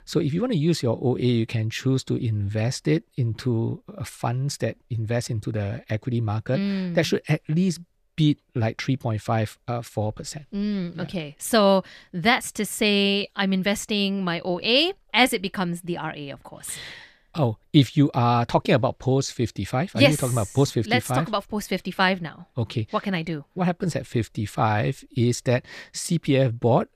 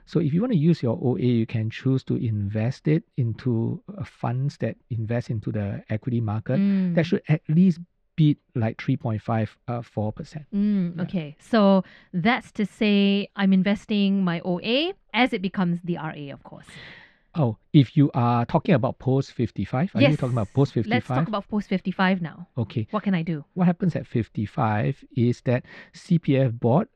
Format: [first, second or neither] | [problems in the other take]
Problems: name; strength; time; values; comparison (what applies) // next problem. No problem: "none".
first | muffled; slightly; fading above 3 kHz